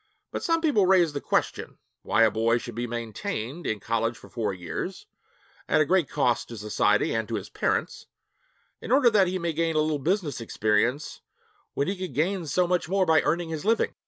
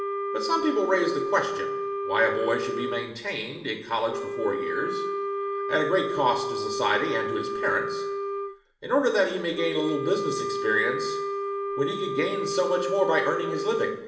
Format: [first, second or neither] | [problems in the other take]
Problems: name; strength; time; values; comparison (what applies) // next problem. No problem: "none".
first | background sound (Wind instrument, woodwind instrument); 3 dB below the speech // room echo; dies away in 0.8 s